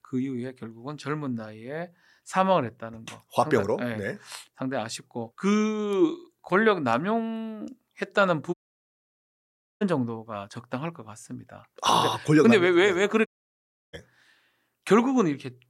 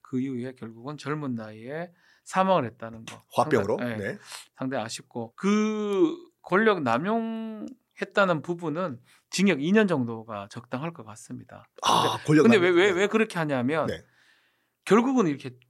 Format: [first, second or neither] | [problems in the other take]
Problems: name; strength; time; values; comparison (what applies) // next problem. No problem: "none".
second | audio cutting out; at 8.5 s for 1.5 s and at 13 s for 0.5 s